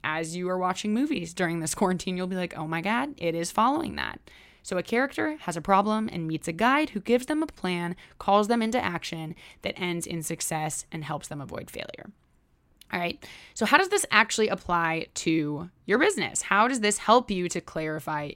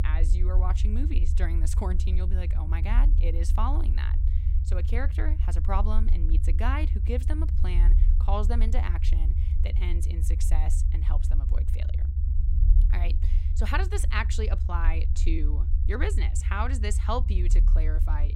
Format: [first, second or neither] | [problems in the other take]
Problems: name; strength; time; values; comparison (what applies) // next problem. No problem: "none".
first | low rumble; loud; throughout; 10 dB below the speech